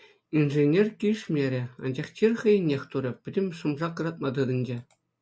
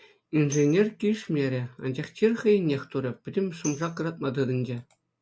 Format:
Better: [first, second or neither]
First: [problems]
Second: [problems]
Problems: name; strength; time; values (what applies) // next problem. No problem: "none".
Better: first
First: none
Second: background sound (Tambourine); 19 dB below the speech